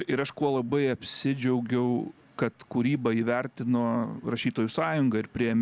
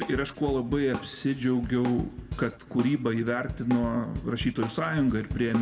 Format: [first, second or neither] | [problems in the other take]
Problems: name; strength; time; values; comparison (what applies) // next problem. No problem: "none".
first | background sound (Drum kit); 11 dB below the speech // room echo; dies away in 1.2 s